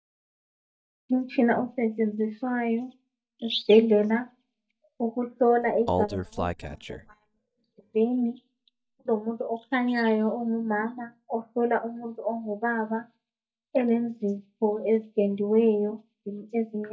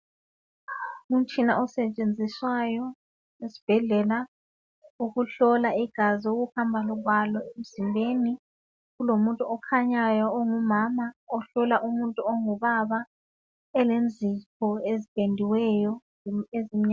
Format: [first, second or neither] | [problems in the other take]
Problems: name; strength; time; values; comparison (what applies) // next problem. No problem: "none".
second | noise reduction (neural mask model DeepFilterNet 3)